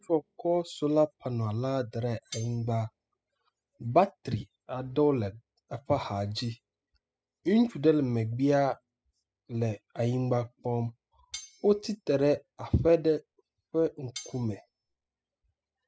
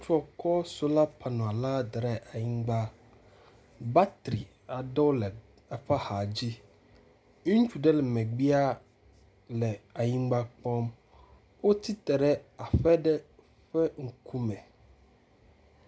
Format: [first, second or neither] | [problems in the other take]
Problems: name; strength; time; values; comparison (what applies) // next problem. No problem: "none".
second | noise reduction (classical method spectral subtraction)